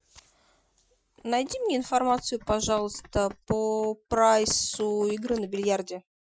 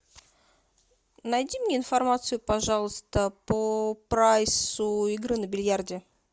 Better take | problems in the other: second | noise reduction (classical method Wiener filter)

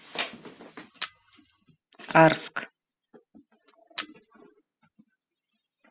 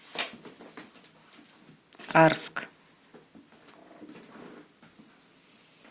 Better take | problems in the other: second | noise reduction (classical method spectral subtraction)

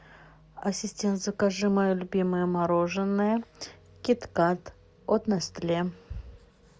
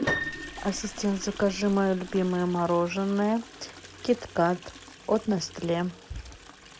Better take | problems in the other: first | background sound (Piano + Toilet flush); 11 dB below the speech

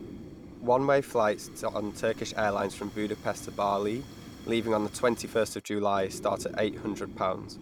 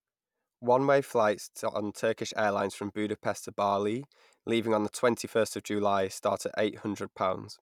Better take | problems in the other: second | background sound (Fire); 14 dB below the speech

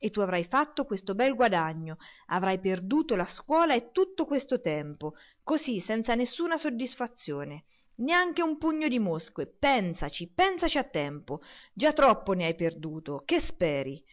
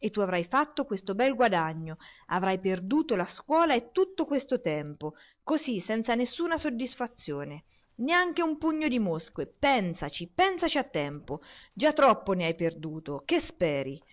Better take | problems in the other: first | noise reduction (neural separator model SepFormer DNS4)

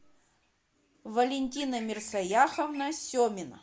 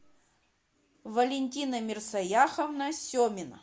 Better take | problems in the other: second | background sound (Bird); 20 dB below the speech

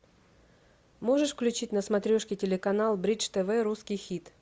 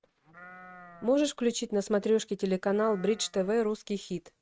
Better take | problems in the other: first | noise reduction (neural mask model RNNoise)

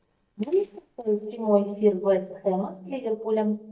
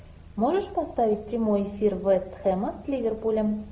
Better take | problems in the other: second | noise reduction (neural mask model DeepFilterNet 3)

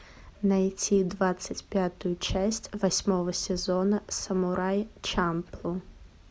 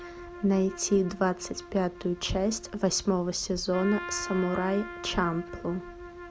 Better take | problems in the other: first | background sound (Trumpet); 13 dB below the speech

